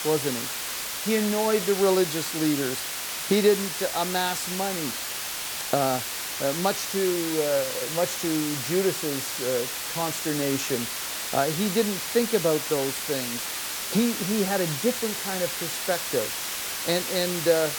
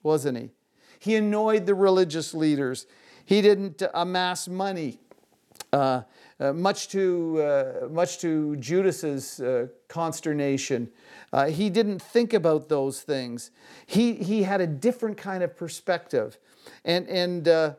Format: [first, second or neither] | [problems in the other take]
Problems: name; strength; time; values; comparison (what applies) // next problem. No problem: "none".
second | hiss; loud; throughout; 2 dB below the speech